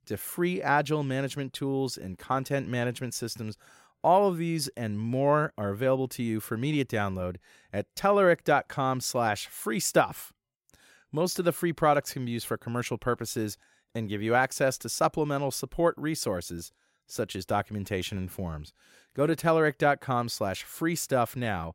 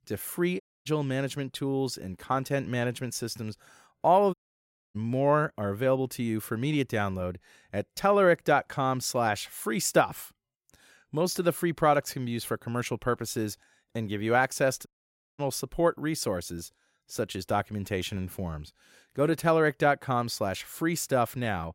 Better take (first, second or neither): first